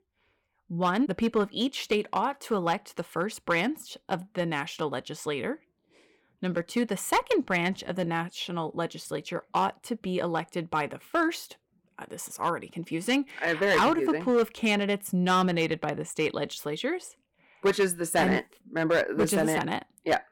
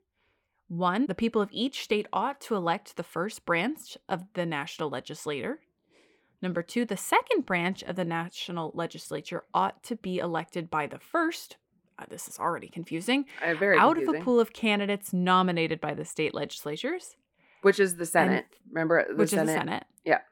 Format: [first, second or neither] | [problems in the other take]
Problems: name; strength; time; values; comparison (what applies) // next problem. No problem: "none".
second | distortion; slight; 3% of the sound clipped